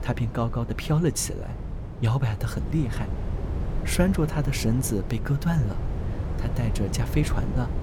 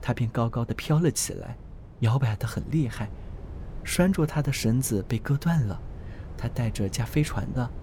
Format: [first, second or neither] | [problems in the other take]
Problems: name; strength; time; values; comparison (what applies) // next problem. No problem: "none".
second | wind noise on the microphone; heavy; 9 dB below the speech; occasional gusts in the second